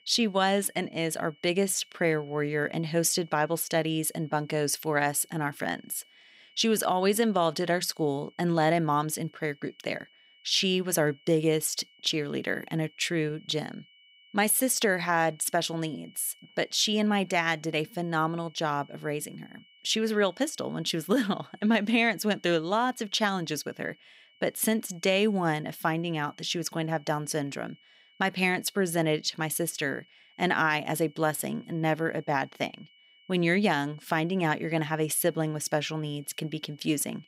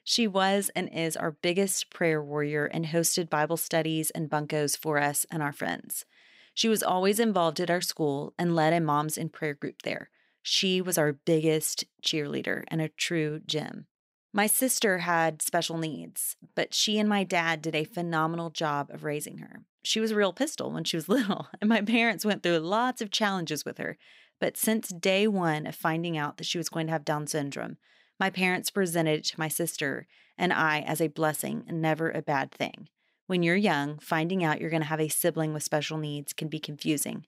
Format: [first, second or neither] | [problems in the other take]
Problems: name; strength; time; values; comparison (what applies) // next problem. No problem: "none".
second | high-pitched whine; faint; throughout; 3 kHz, 30 dB below the speech